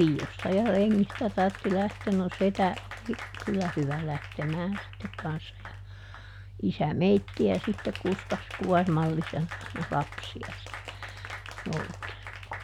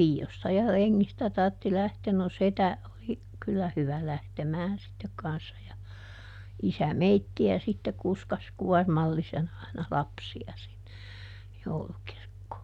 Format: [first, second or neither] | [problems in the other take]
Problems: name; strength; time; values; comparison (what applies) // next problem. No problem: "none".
second | background sound (Applause / Crowd); 14 dB below the speech